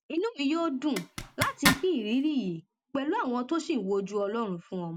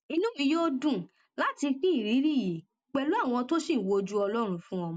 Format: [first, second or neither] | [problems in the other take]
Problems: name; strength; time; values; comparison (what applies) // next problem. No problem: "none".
second | background sound (Zipper (clothing)); 1 dB below the speech